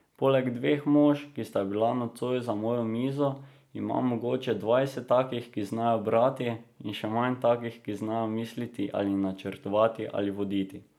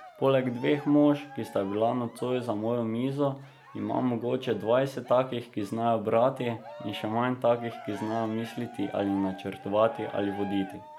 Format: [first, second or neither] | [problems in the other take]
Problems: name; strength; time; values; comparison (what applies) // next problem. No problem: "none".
first | background sound (Cheering); 17 dB below the speech